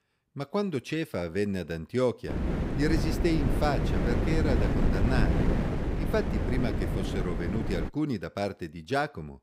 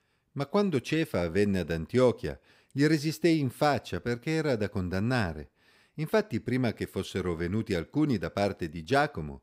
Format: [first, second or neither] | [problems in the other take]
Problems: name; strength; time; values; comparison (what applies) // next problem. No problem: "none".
second | wind noise on the microphone; heavy; from 2.5 to 8 s; 3 dB below the speech